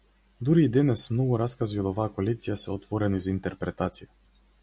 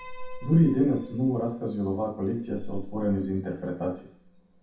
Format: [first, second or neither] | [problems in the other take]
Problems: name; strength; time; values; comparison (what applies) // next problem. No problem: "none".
first | background sound (Piano); 12 dB below the speech // room echo; dies away in 0.6 s